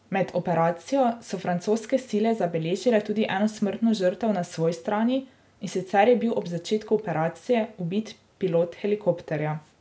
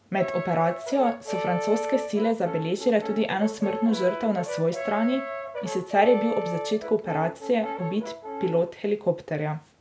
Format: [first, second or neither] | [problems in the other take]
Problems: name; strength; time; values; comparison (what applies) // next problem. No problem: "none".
first | background sound (Brass instrument); 8 dB below the speech